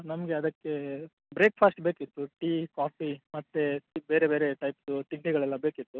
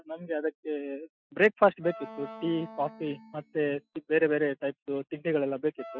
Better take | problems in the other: first | noise reduction (classical method Wiener filter)

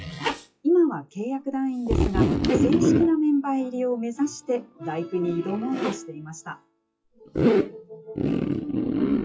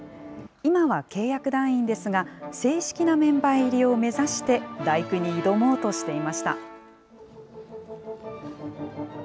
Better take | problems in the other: second | noise reduction (classical method WPE with log-MMSE)

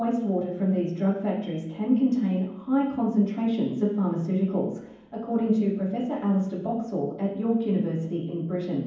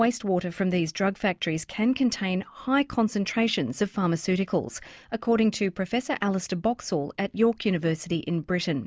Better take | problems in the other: second | room echo; dies away in 1.2 s

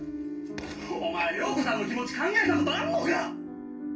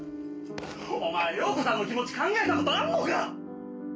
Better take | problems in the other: second | room echo; dies away in 0.2 s

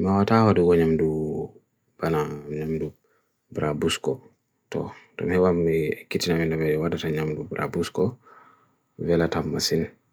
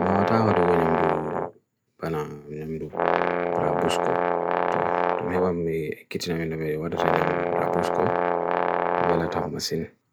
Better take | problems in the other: first | background sound (Brass instrument); 3 dB above the speech

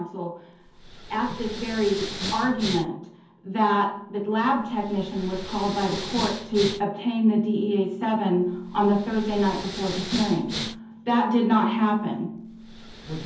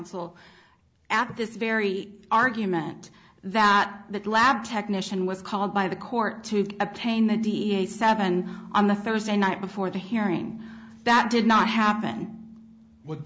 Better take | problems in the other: second | background sound (Respiratory sounds); 12 dB below the speech // room echo; dies away in 0.5 s

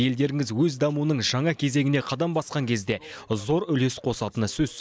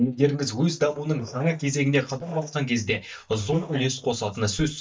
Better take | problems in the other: first | noise reduction (neural mask model DeepFilterNet 3)

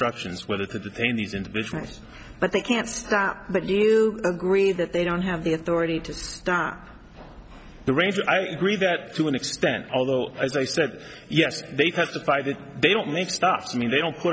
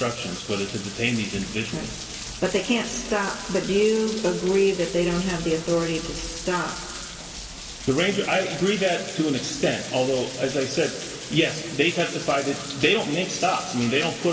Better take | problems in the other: first | background sound (Rain); 12 dB below the speech // room echo; dies away in 2.3 s

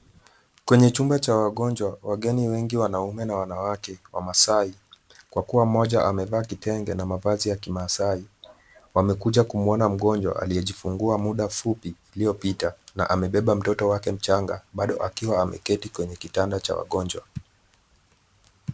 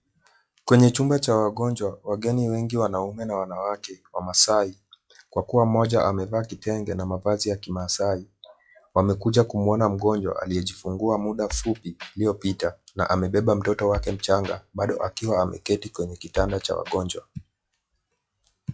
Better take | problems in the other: first | noise reduction (classical method log-MMSE)

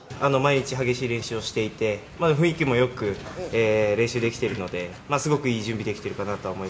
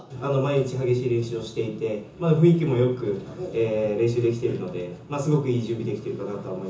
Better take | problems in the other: first | room echo; dies away in 0.6 s

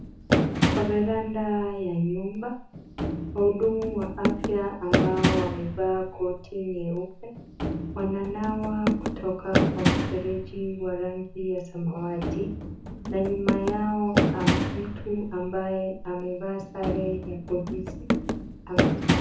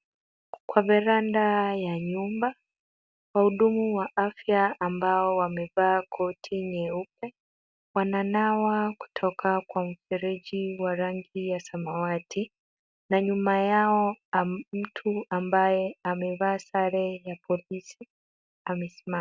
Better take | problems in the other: second | background sound (Run); 1 dB above the speech // room echo; dies away in 0.5 s

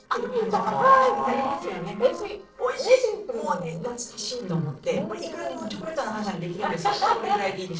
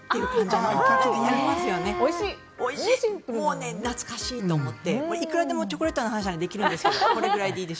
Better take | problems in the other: second | noise reduction (neural separator model SepFormer DNS4)

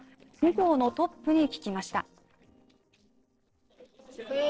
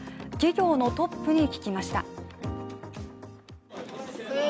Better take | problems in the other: second | noise reduction (neural separator model SepFormer DNS4)

